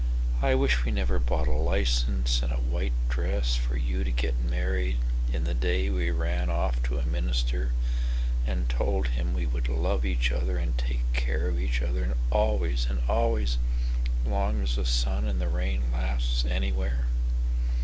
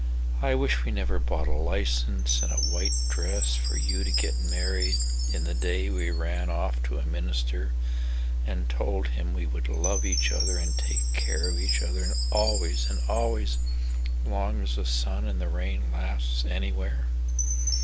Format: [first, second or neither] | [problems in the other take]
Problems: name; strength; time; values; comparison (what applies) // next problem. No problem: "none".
first | background sound (Chime); 12 dB below the speech